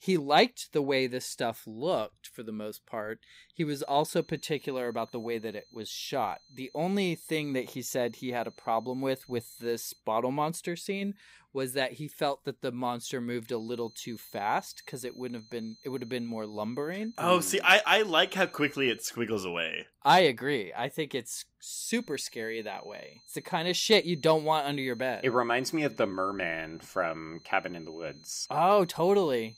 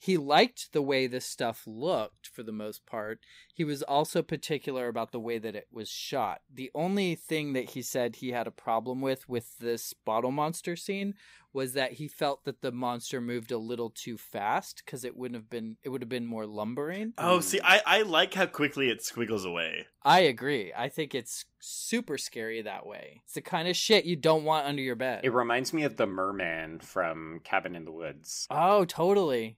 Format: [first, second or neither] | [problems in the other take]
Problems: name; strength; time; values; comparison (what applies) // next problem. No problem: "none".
second | high-pitched whine; faint; from 3.5 to 10 s, from 13 to 19 s and from 22 s on; 4 kHz, 25 dB below the speech